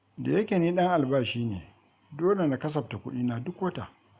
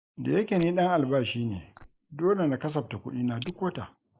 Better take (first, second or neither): first